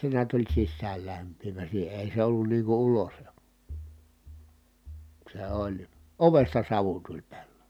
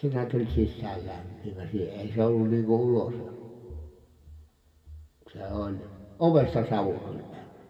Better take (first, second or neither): first